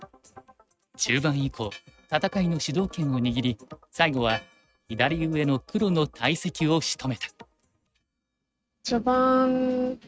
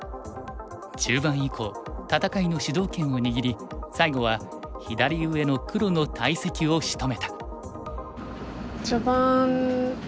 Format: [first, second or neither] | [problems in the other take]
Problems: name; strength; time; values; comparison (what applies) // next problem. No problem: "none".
second | noise reduction (neural mask model RNNoise)